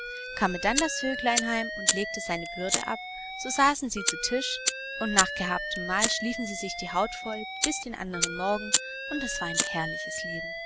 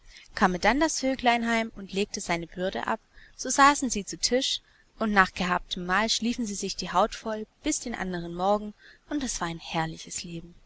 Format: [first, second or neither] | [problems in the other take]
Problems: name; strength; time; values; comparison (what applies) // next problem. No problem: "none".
second | background sound (Alarm + Fire); 1 dB below the speech